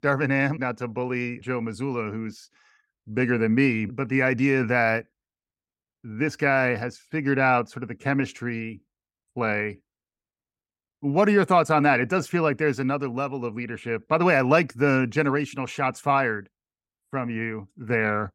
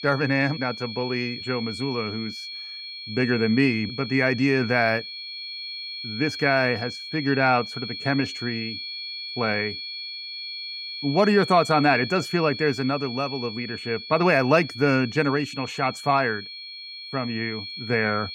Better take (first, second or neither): first